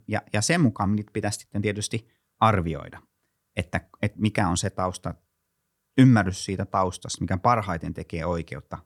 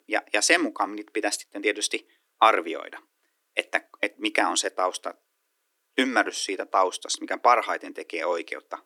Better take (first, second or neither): first